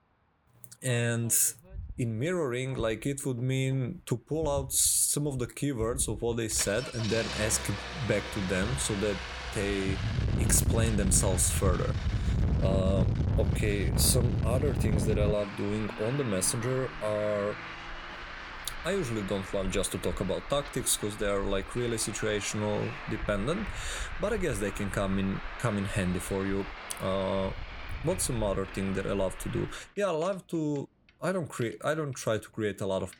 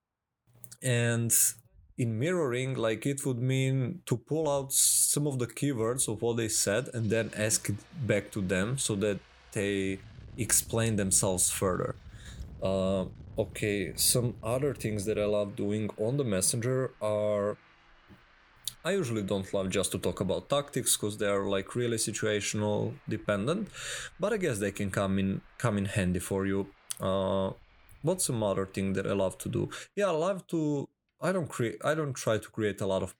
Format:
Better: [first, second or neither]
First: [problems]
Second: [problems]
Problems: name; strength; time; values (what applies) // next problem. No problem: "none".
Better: second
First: traffic noise; loud; throughout; 5 dB below the speech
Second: traffic noise; faint; throughout; 25 dB below the speech